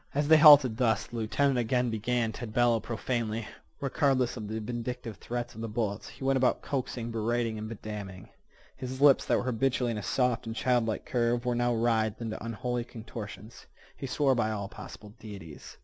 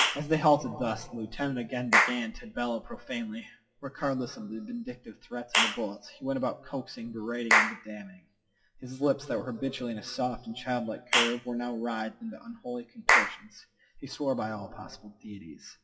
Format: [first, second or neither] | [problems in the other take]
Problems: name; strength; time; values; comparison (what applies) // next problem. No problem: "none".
first | noise reduction (classical method WPE with log-MMSE)